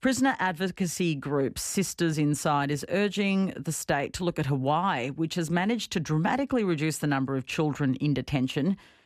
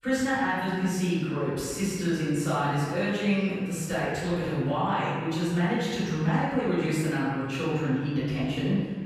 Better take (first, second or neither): first